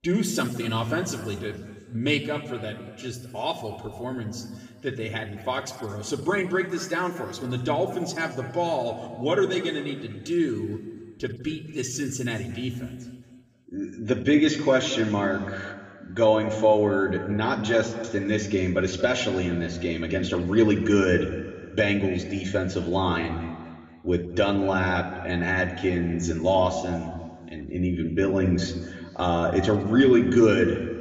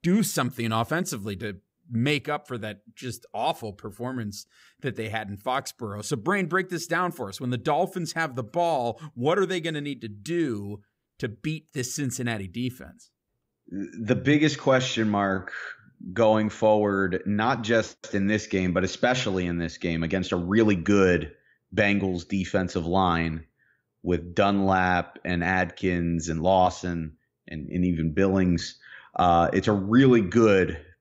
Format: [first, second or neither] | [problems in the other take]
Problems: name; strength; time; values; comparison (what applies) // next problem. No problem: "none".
second | room echo; noticeable; dies away in 1.6 s // off-mic speech; far